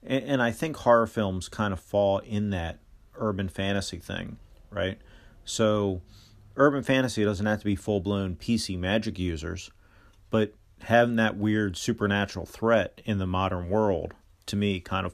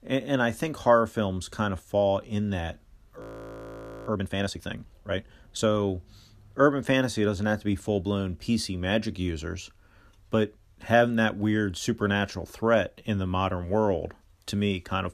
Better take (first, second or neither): first